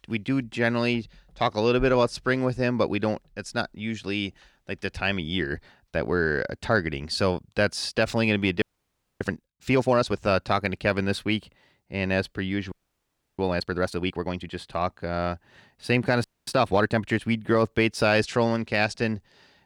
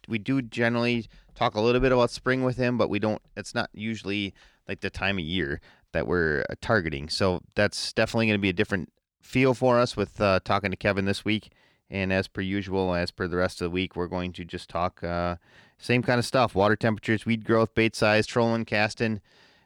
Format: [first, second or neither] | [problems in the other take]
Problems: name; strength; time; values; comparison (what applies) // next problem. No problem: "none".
second | audio freezing; at 8.5 s for 0.5 s, at 13 s for 0.5 s and at 16 s